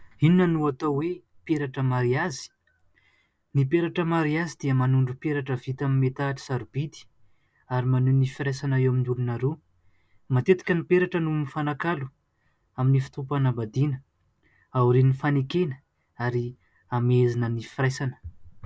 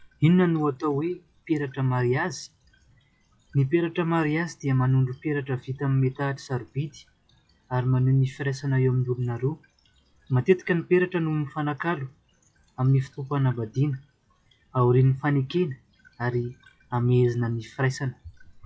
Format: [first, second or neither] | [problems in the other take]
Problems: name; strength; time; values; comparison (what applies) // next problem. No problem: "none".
first | noise reduction (classical method log-MMSE)